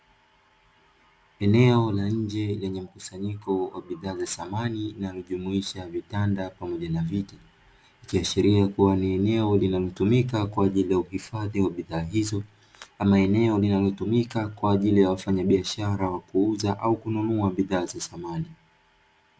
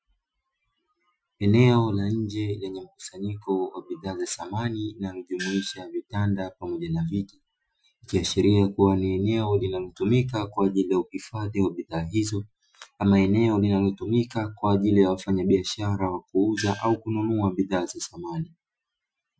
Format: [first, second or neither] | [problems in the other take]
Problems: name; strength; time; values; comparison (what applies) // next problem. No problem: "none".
first | noise reduction (classical method Wiener filter)